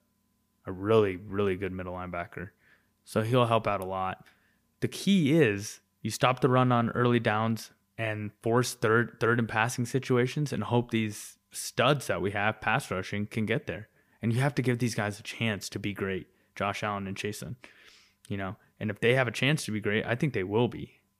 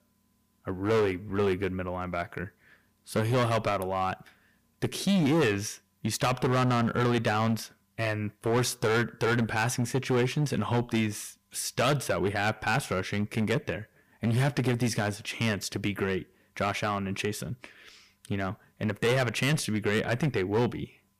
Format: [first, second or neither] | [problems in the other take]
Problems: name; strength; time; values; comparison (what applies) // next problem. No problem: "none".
first | distortion; heavy; 9% of the sound clipped